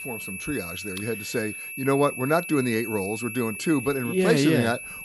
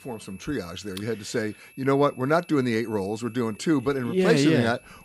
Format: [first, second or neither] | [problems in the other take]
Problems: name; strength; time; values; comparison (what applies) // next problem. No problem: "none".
second | high-pitched whine; loud; throughout; 2.5 kHz, 8 dB below the speech; faint in the second